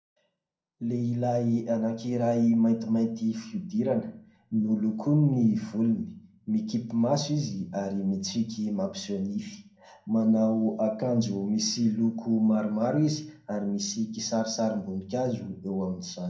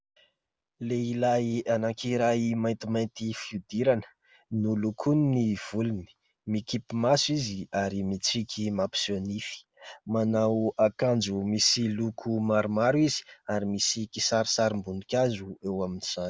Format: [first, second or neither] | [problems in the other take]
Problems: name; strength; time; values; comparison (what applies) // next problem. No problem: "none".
second | room echo; dies away in 0.5 s